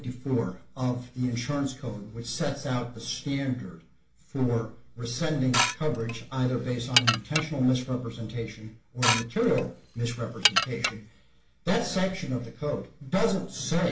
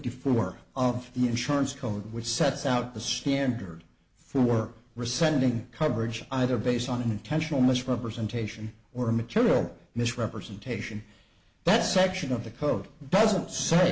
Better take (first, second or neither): second